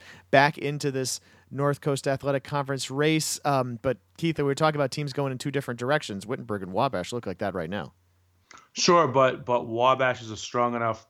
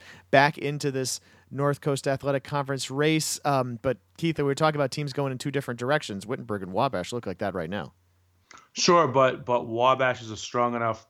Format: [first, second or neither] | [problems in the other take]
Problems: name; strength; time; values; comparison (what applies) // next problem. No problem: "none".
neither | none